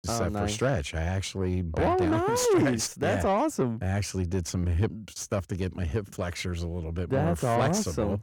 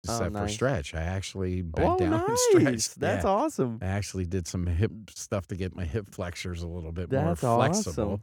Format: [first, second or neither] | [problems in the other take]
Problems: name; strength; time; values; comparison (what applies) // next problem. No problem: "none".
second | distortion; slight; 10 dB below the speech